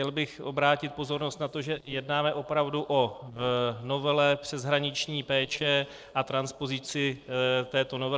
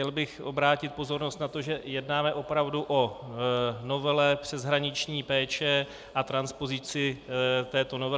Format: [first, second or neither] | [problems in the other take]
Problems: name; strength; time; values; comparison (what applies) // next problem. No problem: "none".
second | noise reduction (neural separator model SepFormer DNS4)